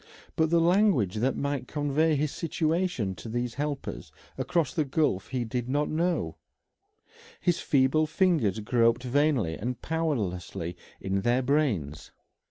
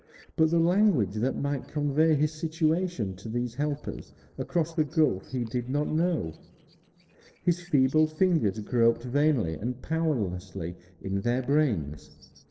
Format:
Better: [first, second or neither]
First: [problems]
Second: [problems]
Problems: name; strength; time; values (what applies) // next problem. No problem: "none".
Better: first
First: none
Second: noise reduction (neural separator model SepFormer DNS4)